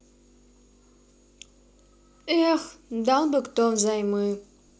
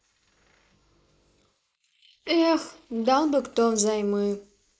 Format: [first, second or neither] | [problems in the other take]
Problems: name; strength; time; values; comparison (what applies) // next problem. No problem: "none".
first | noise reduction (neural mask model Resemble Enhance denoiser)